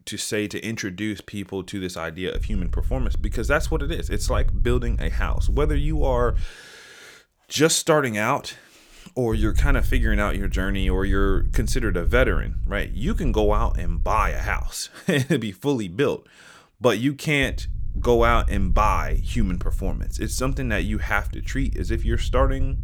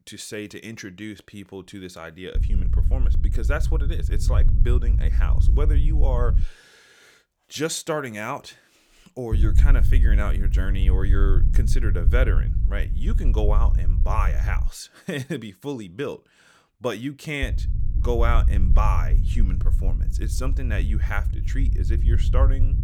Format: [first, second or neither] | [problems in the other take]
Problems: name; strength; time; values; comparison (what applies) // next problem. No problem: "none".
first | low rumble; loud; from 2.5 to 6.5 s, from 9.5 to 15 s and from 17 s on; 10 dB below the speech; faint in the first